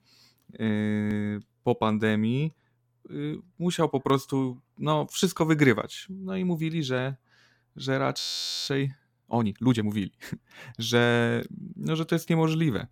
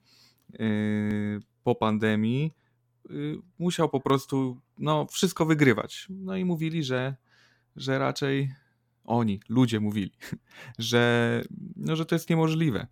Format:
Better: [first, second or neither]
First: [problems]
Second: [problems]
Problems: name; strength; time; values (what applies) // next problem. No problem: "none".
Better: second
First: audio freezing; at 8 s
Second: none